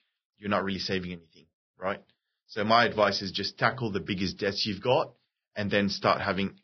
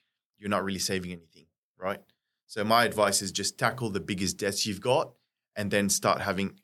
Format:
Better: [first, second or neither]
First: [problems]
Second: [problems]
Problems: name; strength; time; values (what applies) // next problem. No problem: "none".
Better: second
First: garbled, watery; badly; nothing above 5.5 kHz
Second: none